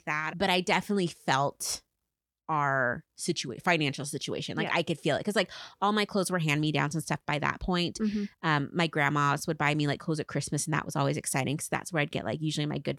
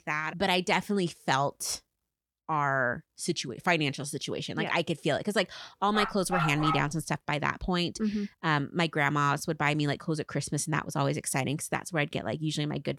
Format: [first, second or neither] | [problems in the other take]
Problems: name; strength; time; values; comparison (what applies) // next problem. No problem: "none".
first | dog barking; noticeable; at 6 s; peak level with the speech